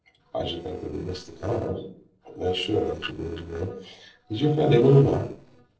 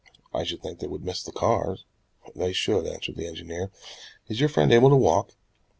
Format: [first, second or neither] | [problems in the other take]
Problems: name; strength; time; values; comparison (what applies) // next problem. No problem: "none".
second | noise reduction (neural separator model SepFormer DNS4)